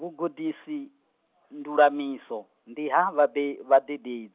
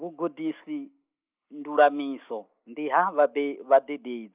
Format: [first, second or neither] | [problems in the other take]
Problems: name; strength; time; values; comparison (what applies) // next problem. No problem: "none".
first | noise reduction (neural mask model Resemble Enhance denoiser)